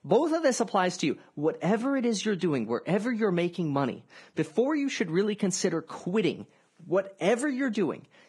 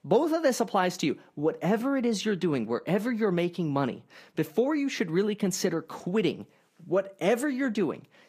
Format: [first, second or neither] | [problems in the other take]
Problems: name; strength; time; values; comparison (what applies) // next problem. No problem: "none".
second | garbled, watery; badly; nothing above 10.5 kHz; slightly in the second